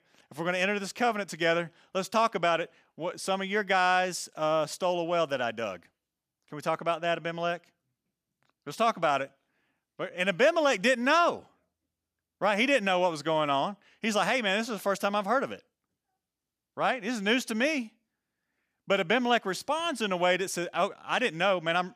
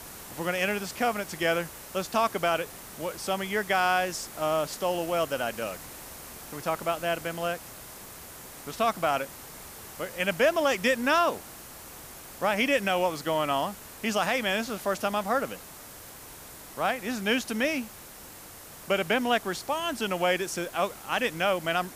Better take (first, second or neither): first